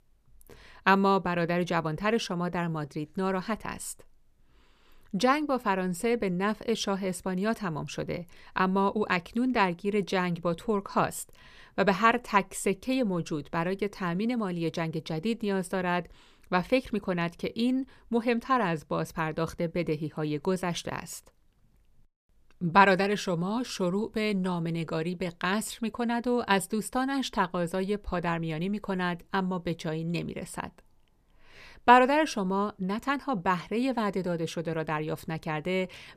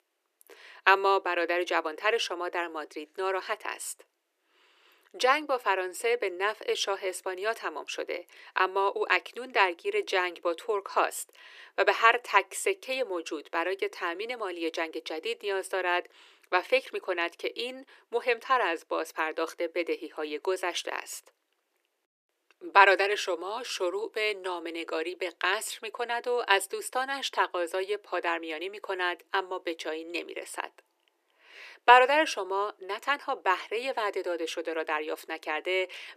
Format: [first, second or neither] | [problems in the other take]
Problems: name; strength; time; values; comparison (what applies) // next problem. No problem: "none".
first | thin; very; fading below 350 Hz